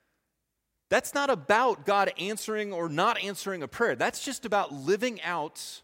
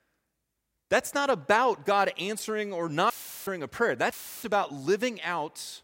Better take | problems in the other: first | audio cutting out; filled with static; at 3 s and at 4 s

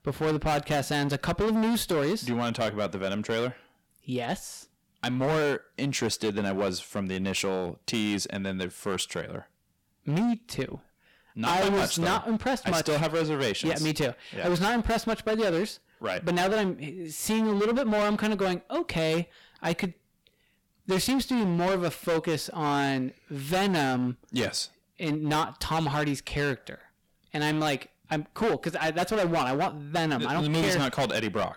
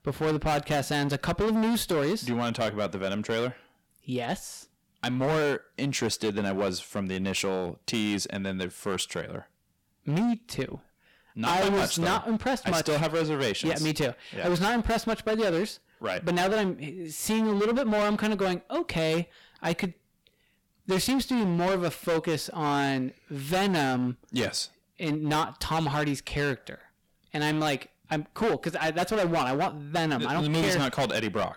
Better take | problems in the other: neither | distortion; heavy; 17% of the sound clipped; the same in both

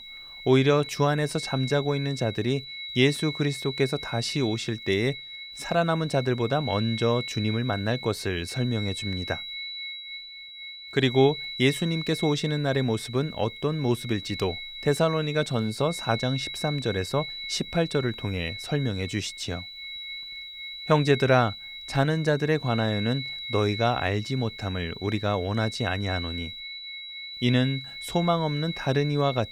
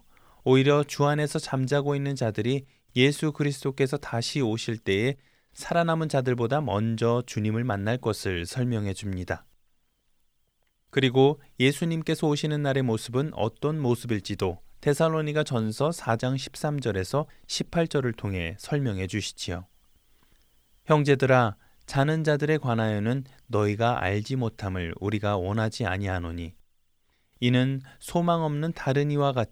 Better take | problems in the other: second | high-pitched whine; loud; throughout; 4 kHz, 9 dB below the speech

